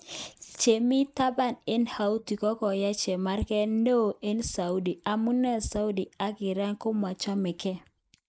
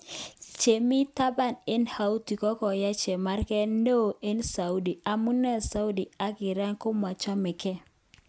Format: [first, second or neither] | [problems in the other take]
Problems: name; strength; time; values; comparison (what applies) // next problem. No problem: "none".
second | noise reduction (neural mask model Resemble Enhance denoiser)